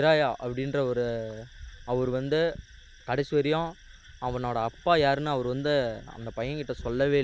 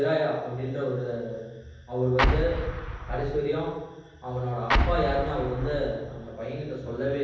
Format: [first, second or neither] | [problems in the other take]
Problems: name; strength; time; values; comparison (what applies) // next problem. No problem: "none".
first | background sound (Explosion); as loud as the speech // room echo; dies away in 1.1 s